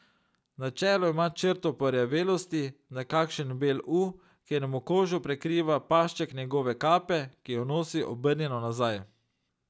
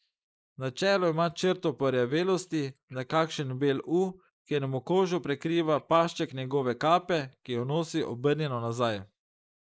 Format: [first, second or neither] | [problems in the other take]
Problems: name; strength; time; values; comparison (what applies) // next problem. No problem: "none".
first | noise reduction (neural mask model Resemble Enhance denoiser)